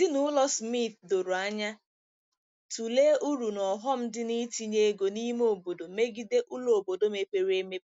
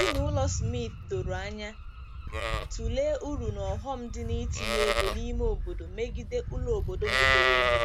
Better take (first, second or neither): first